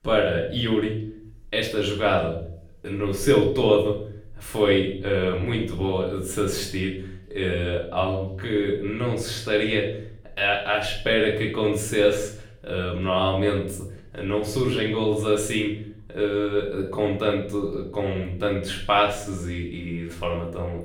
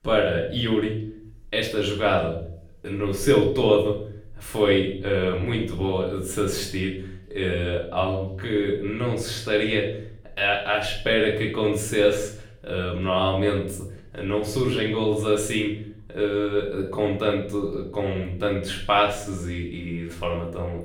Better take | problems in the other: neither | room echo; slight; dies away in 0.6 s; the same in both // off-mic speech; far; the same in both

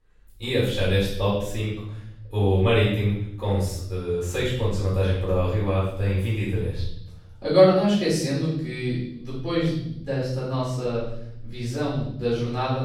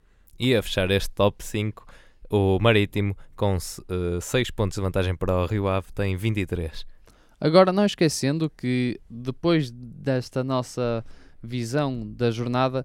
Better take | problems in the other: second | off-mic speech; far // room echo; noticeable; dies away in 0.8 s

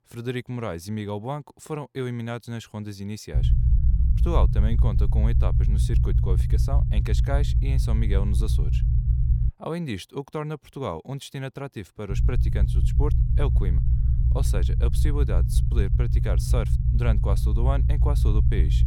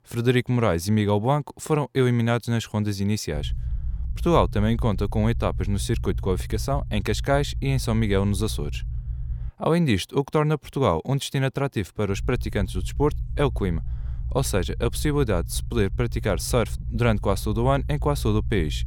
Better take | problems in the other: second | low rumble; loud; from 3.5 to 9.5 s and from 12 s on; 5 dB below the speech; faint in the second

